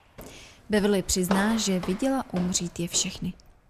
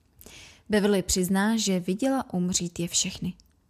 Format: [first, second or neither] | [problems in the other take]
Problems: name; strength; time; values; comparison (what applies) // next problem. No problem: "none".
second | footsteps; noticeable; until 3 s; peak 6 dB below the speech